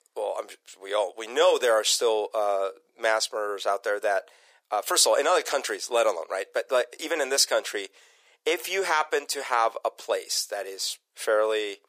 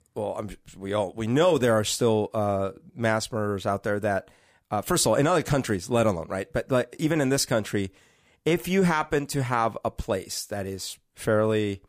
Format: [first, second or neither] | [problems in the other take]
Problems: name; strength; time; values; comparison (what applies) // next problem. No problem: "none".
second | thin; very; fading below 450 Hz